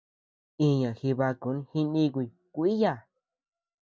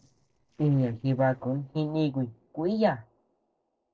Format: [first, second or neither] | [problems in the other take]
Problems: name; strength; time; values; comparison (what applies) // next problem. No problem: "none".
first | noise reduction (neural separator model SepFormer DNS4)